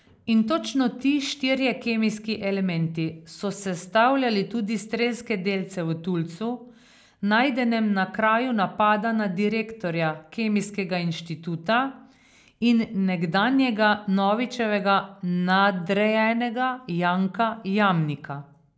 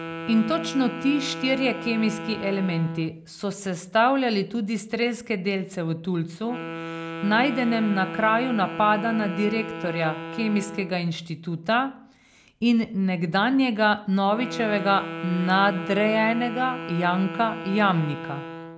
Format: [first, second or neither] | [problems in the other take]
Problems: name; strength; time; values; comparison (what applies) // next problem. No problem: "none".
first | background sound (Wind instrument, woodwind instrument); 11 dB below the speech